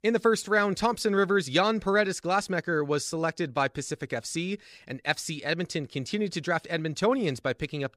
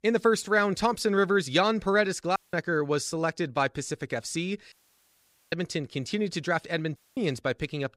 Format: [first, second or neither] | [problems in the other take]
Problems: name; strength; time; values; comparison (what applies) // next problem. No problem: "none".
first | audio cutting out; at 2.5 s, at 4.5 s for 1 s and at 7 s